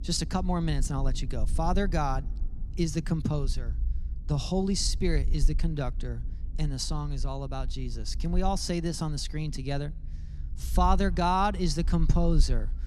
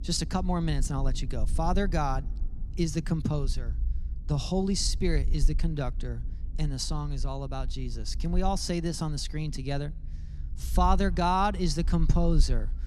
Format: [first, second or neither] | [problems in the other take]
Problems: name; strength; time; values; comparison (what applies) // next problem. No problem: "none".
neither | low rumble; faint; throughout; 25 dB below the speech; the same in both